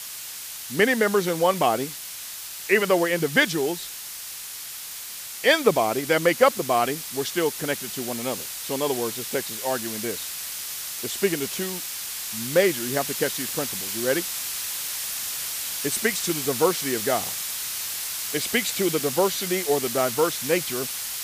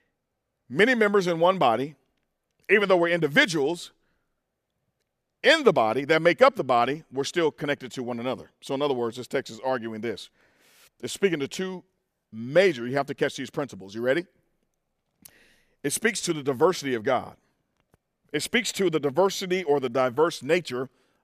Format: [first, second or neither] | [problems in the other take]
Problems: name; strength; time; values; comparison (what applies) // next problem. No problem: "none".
second | hiss; loud; throughout; 5 dB below the speech